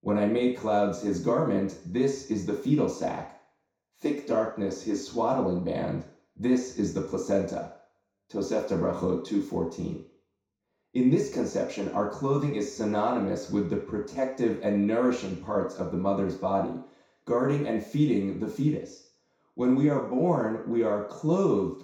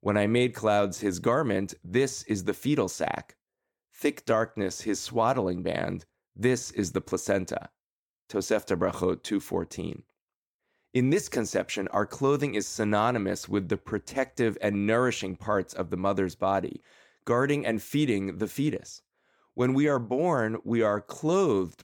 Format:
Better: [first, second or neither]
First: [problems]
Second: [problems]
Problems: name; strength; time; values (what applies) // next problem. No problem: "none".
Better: second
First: room echo; noticeable; dies away in 0.6 s // off-mic speech; far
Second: none